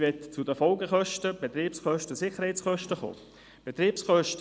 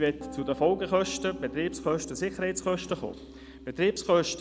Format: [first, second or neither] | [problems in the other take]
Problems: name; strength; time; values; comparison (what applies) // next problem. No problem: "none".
first | background sound (Piano); 14 dB below the speech